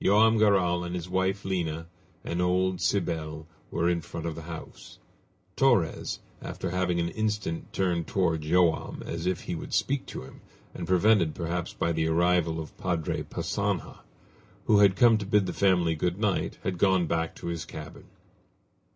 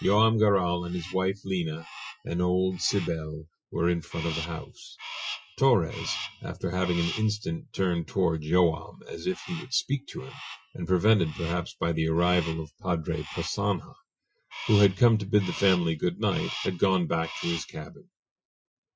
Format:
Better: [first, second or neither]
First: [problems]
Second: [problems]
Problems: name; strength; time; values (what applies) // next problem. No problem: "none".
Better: first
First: none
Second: noise reduction (classical method Wiener filter)